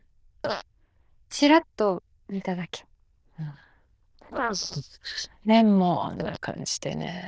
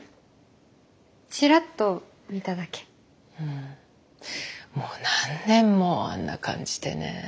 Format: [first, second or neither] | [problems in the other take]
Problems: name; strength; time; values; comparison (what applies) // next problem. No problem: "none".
second | noise reduction (neural diffusion model UNIVERSE++)